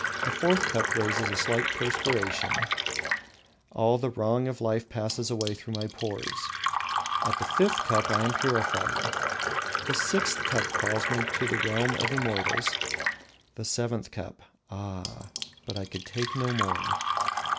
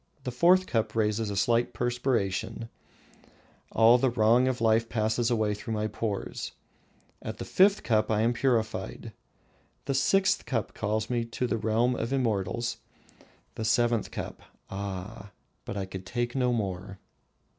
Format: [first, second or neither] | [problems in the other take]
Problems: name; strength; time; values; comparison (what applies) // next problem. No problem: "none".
second | background sound (Fill (with liquid)); as loud as the speech